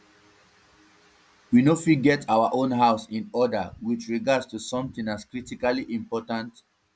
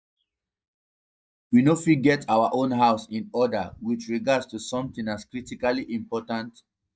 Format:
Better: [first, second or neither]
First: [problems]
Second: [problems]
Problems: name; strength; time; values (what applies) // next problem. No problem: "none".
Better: first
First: none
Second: noise reduction (neural mask model DeepFilterNet 3)